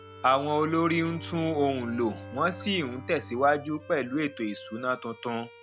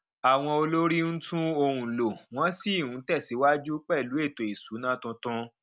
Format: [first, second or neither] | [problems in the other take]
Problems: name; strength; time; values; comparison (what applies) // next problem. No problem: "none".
second | background sound (Bowed string instrument + Bowed string instrument); 15 dB below the speech